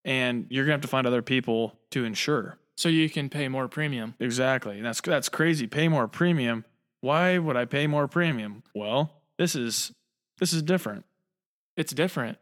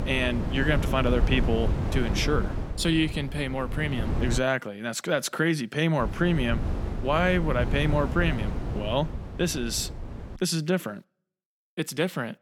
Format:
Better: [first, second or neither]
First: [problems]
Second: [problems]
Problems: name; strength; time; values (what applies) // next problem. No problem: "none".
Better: first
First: none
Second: wind noise on the microphone; occasional gusts; until 4.5 s and from 6 to 10 s; 10 dB below the speech